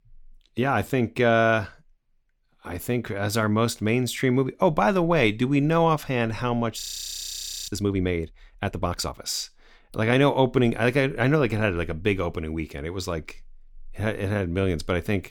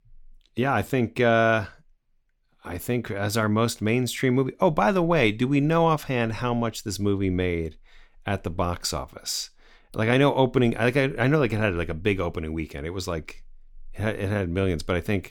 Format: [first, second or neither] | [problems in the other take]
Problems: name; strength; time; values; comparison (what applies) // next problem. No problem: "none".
second | audio freezing; at 7 s for 1 s